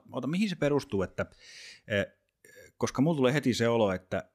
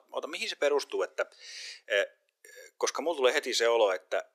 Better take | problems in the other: first | thin; very; fading below 400 Hz

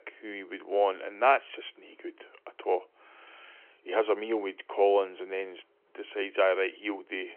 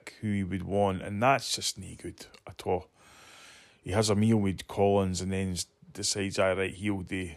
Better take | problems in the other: second | phone-call audio; nothing above 3 kHz

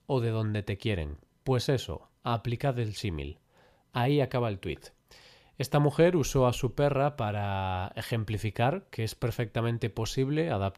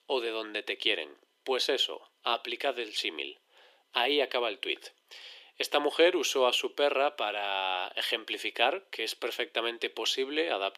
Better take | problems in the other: first | thin; very; fading below 350 Hz

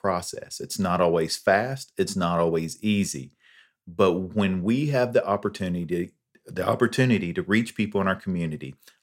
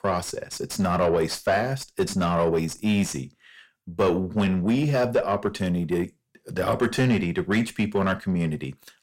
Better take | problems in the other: first | distortion; slight; 10 dB below the speech

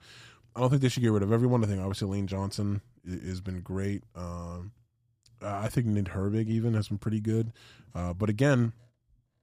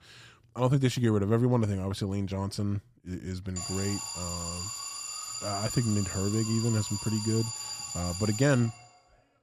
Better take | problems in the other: first | alarm; noticeable; from 3.5 to 9 s; peak 4 dB below the speech

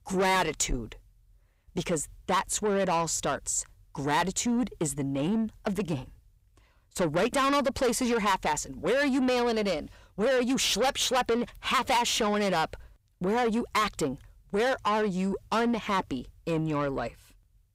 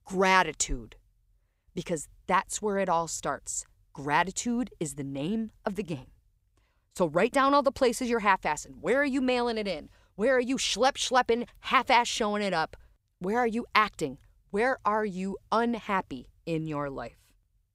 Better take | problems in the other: second | distortion; heavy; 7 dB below the speech

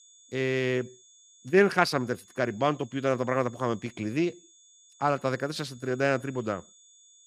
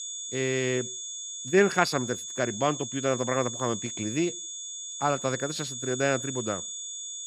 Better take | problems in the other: first | high-pitched whine; loud; throughout; 6.5 kHz, 6 dB below the speech; faint in the first

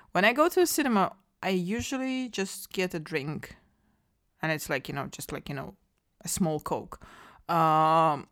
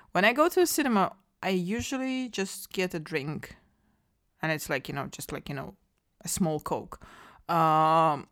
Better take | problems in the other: neither | none

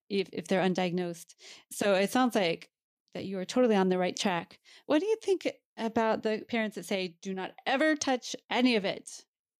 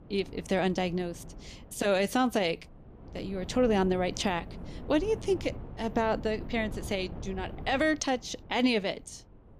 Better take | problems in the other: first | wind noise on the microphone; occasional gusts; 20 dB below the speech

